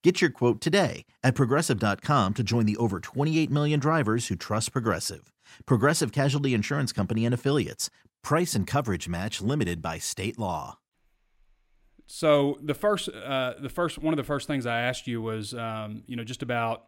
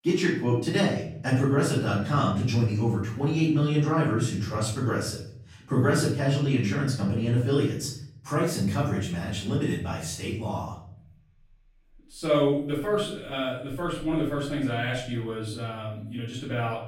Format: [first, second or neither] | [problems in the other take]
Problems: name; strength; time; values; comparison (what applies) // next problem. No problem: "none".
first | room echo; noticeable; dies away in 0.8 s // off-mic speech; far